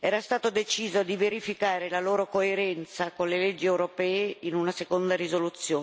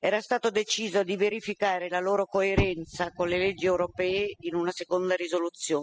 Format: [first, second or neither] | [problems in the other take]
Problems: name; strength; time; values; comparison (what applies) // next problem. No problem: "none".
first | noise reduction (classical method spectral subtraction)